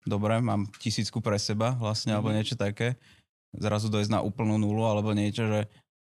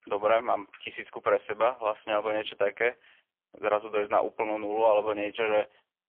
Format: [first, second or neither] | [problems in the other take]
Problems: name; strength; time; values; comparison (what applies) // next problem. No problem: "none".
first | phone-call audio; poor line; nothing above 3.5 kHz